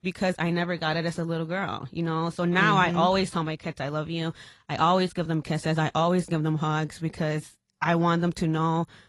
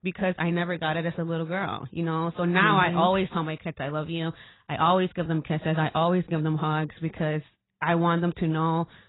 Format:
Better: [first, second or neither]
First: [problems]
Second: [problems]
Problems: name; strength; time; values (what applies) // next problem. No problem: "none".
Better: first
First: garbled, watery; slightly; nothing above 11 kHz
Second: garbled, watery; badly; nothing above 4 kHz